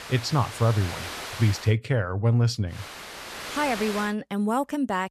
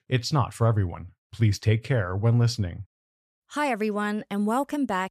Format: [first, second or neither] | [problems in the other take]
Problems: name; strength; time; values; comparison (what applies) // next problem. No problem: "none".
second | hiss; noticeable; until 1.5 s and from 2.5 to 4 s; 10 dB below the speech